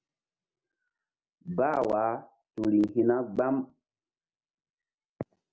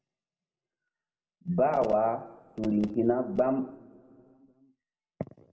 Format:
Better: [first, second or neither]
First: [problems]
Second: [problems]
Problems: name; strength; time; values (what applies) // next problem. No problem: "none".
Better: first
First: none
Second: room echo; dies away in 1 s